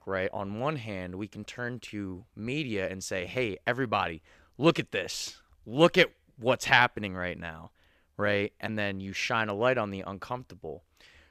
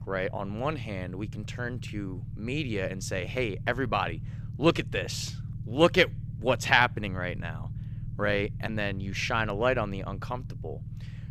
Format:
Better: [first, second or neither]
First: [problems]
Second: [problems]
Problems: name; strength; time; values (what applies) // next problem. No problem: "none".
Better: first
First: none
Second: low rumble; faint; throughout; 25 dB below the speech